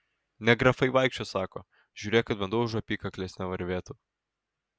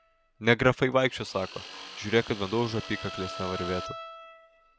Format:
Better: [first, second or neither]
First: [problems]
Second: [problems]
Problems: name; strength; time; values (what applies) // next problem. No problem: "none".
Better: first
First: none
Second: background sound (Tools + Bowed string instrument); 13 dB below the speech